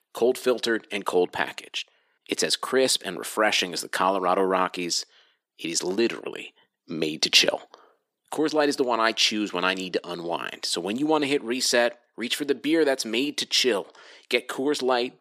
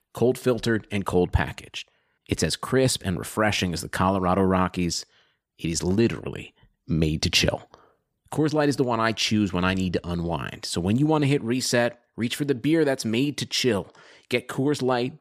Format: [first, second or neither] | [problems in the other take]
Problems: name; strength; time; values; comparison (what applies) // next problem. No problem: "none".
second | thin; somewhat; fading below 300 Hz